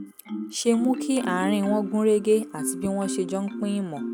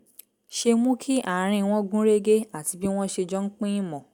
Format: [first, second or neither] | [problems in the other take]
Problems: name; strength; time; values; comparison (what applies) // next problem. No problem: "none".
second | background sound (Marimba, xylophone); 8 dB below the speech